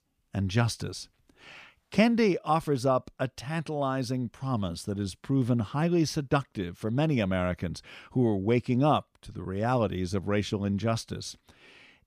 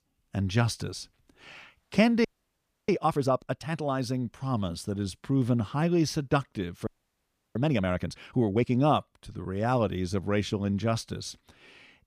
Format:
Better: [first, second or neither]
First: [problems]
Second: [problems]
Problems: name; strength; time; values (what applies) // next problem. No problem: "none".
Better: first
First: none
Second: audio freezing; at 2.5 s for 0.5 s and at 7 s for 0.5 s